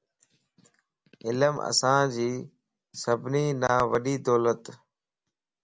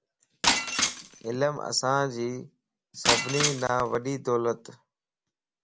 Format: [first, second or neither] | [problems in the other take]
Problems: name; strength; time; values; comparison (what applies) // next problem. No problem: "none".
first | background sound (Shatter); 1 dB above the speech